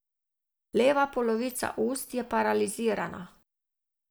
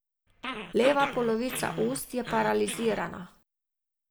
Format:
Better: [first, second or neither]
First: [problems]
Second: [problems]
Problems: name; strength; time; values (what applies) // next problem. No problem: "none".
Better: first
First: none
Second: background sound (Growling); 9 dB below the speech